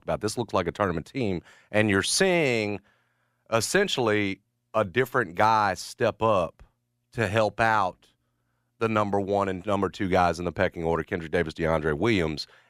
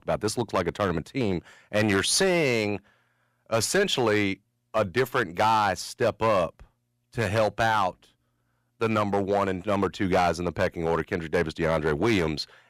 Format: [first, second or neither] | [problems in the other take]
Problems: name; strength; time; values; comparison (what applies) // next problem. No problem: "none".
first | distortion; slight; 5% of the sound clipped